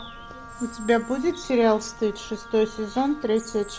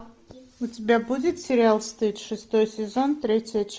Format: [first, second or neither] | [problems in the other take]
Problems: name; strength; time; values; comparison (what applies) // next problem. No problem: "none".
second | background sound (Bird + Wind instrument, woodwind instrument); 16 dB below the speech